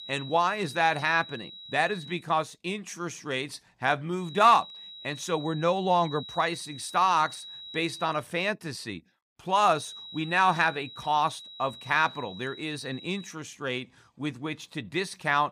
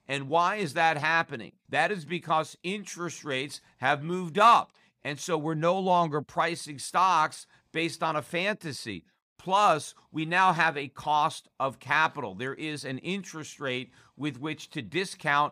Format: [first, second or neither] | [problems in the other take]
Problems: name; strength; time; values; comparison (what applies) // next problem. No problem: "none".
second | high-pitched whine; noticeable; until 2 s, from 4.5 to 8 s and from 9.5 to 13 s; 4 kHz, 15 dB below the speech